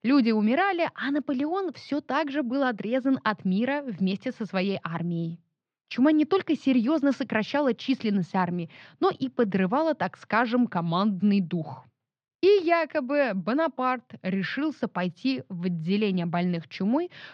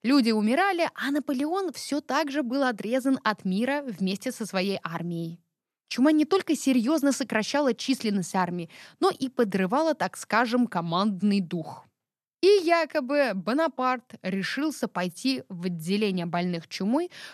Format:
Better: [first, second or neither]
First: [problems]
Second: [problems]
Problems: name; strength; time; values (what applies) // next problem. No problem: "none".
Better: second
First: muffled; very slightly; fading above 4 kHz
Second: none